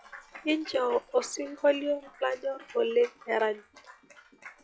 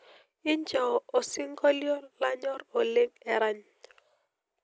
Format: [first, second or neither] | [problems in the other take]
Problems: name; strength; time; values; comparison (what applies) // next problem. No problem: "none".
second | noise reduction (classical method log-MMSE)